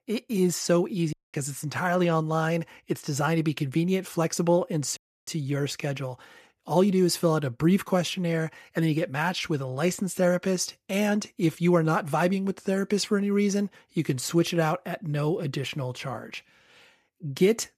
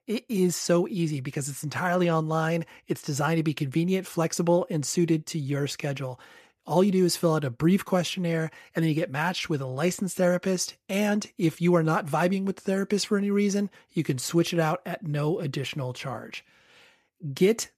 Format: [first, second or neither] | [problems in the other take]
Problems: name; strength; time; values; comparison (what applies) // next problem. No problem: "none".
second | audio cutting out; at 1 s and at 5 s